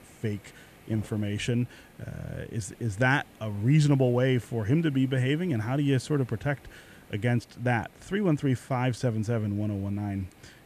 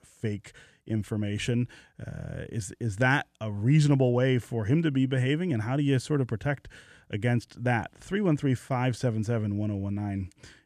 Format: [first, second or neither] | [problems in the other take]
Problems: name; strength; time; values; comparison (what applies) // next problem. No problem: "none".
second | hiss; faint; throughout; 25 dB below the speech